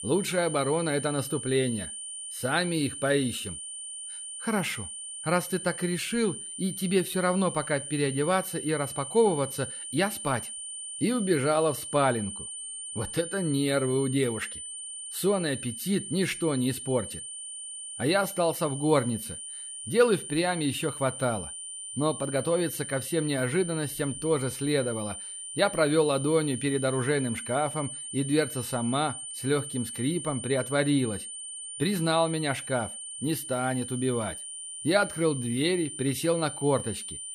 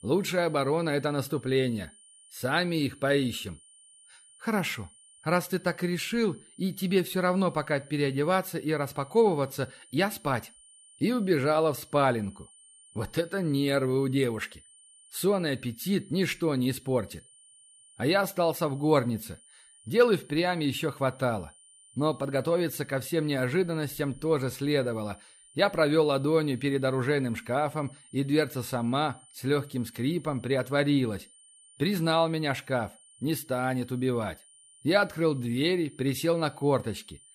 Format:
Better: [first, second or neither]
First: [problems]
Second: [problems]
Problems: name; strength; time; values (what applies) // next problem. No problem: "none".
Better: second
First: high-pitched whine; loud; throughout; 9 kHz, 8 dB below the speech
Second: high-pitched whine; faint; throughout; 9 kHz, 25 dB below the speech